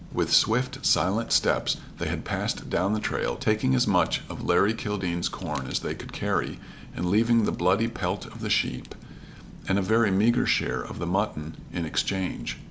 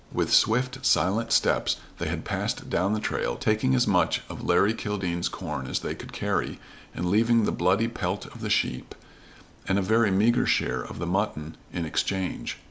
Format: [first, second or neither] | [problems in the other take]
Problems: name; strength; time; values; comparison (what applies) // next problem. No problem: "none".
second | background sound (Fire); 16 dB below the speech